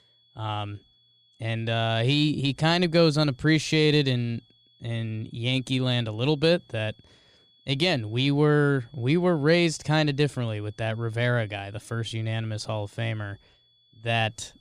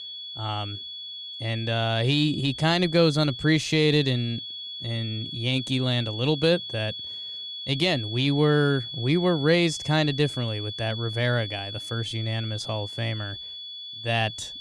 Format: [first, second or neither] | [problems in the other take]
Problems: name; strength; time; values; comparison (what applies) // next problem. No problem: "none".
first | high-pitched whine; loud; throughout; 3.5 kHz, 9 dB below the speech; faint in the first